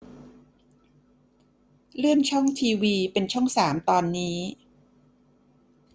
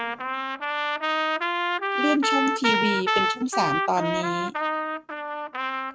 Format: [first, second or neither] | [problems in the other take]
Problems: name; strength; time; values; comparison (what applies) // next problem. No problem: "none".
first | noise reduction (neural mask model RNNoise)